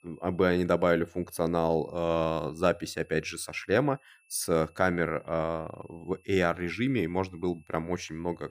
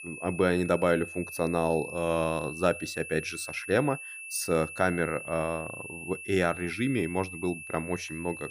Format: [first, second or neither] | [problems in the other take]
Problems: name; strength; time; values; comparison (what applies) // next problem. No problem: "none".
first | high-pitched whine; loud; throughout; 2.5 kHz, 10 dB below the speech; faint in the first